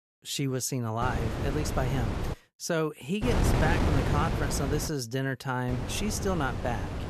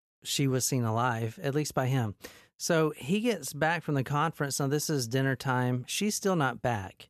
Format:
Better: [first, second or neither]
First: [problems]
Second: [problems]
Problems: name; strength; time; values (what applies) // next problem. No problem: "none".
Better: second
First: wind noise on the microphone; heavy; from 1 to 2.5 s, from 3 to 5 s and from 5.5 s on; 3 dB below the speech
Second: none